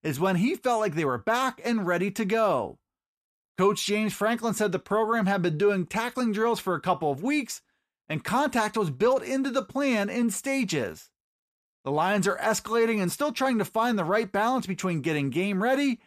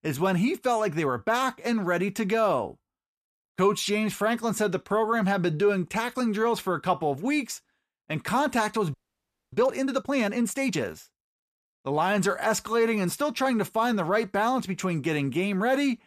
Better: first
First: none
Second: audio freezing; at 9 s for 0.5 s

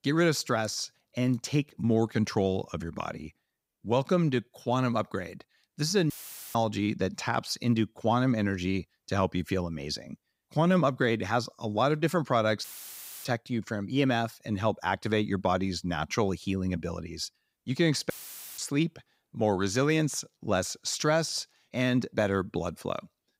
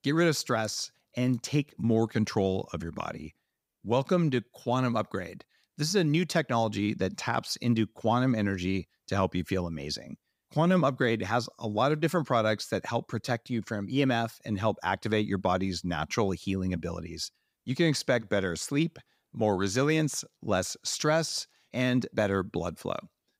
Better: second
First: audio cutting out; filled with static; at 6 s, at 13 s for 0.5 s and at 18 s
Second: none

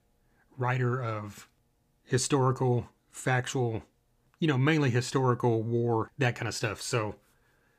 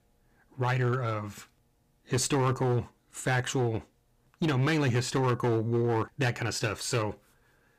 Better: first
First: none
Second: distortion; slight; 10% of the sound clipped

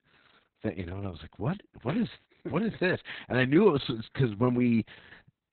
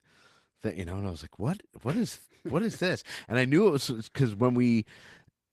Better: second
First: garbled, watery; badly; nothing above 4 kHz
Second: garbled, watery; slightly; nothing above 14.5 kHz

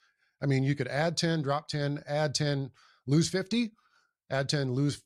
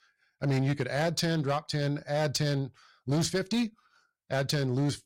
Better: first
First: none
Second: distortion; slight; 9% of the sound clipped

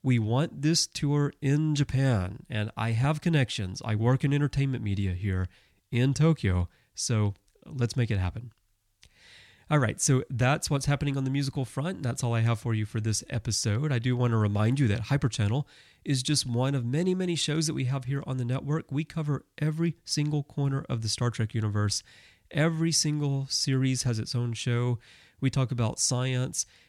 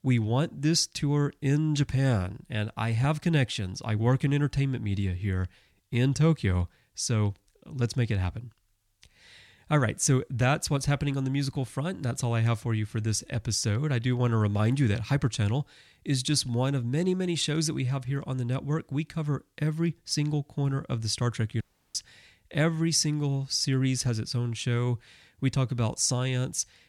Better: first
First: none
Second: audio cutting out; at 22 s

